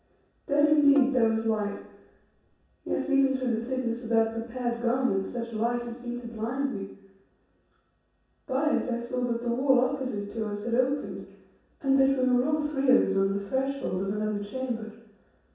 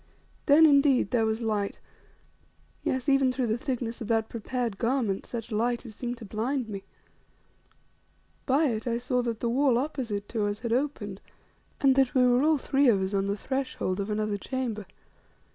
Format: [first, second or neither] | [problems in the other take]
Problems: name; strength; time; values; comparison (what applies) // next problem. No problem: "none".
second | background sound (Bowed string instrument); 12 dB below the speech // room echo; dies away in 0.7 s